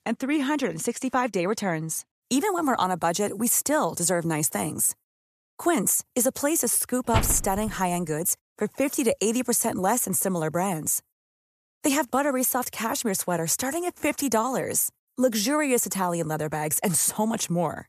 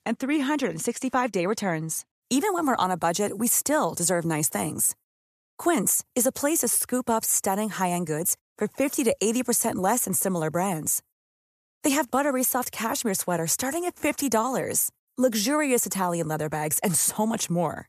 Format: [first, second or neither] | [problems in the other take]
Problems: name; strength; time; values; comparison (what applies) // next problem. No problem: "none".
second | door banging; noticeable; at 7 s; peak 3 dB below the speech